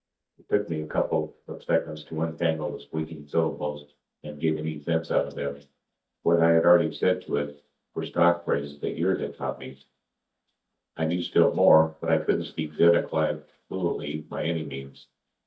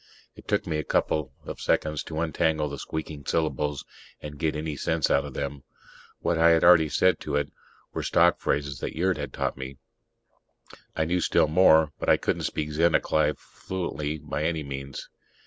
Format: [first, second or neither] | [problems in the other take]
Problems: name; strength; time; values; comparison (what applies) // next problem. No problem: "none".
second | noise reduction (neural mask model DeepFilterNet 3)